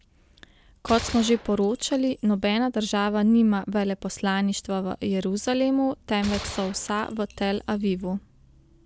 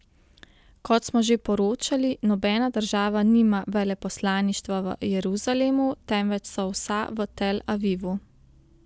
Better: second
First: background sound (Gunshot, gunfire); 15 dB below the speech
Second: none

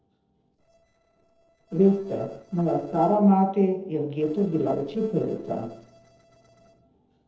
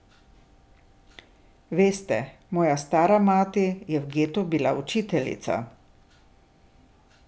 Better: second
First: noise reduction (neural separator model SepFormer DNS4)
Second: none

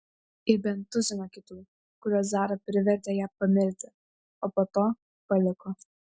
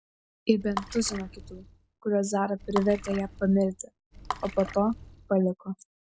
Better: first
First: none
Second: background sound (Water / Splash, splatter); 12 dB below the speech

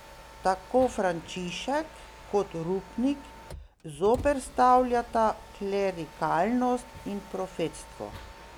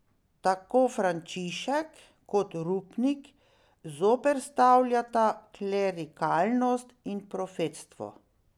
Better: second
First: background sound (Mechanisms); 17 dB below the speech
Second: none

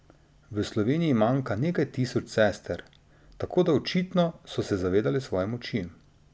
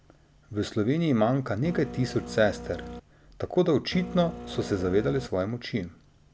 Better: first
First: none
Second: background sound (Printer); 11 dB below the speech

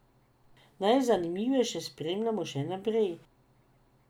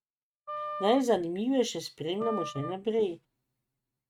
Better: first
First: none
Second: noise reduction (neural mask model RNNoise)

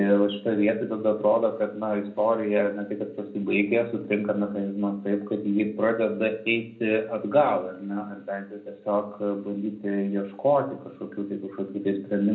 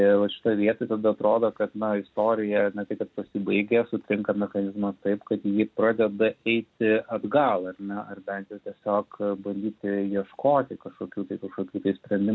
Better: second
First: room echo; dies away in 0.5 s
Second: none

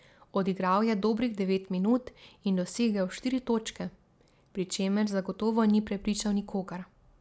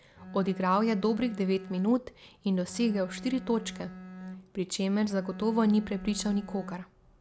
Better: first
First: none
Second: background sound (Bowed string instrument); 14 dB below the speech

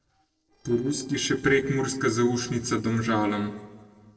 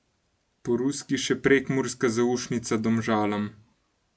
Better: second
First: noise reduction (neural separator model SepFormer DNS4)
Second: none

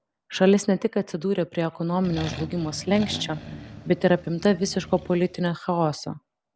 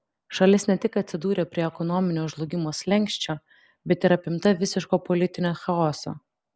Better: second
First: background sound (Accelerating, revving, vroom); 14 dB below the speech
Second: none

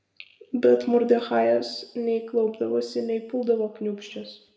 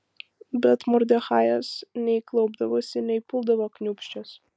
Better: second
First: room echo; dies away in 0.6 s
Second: none

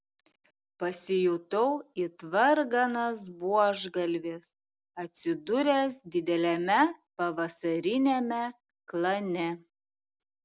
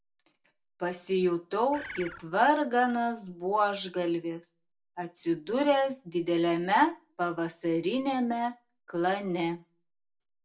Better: first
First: none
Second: background sound (Bird); 12 dB below the speech // room echo; dies away in 0.2 s

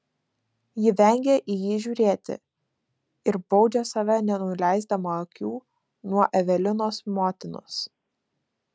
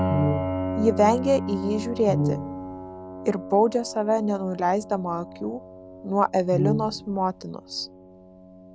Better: first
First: none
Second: background sound (Brass instrument + Piano); 5 dB below the speech

